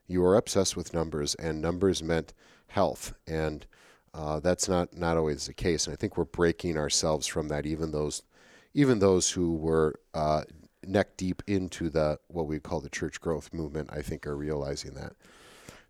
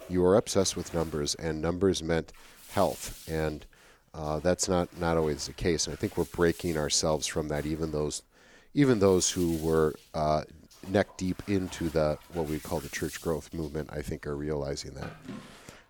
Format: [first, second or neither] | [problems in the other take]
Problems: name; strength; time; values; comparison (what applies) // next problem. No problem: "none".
first | household noises; noticeable; throughout; 20 dB below the speech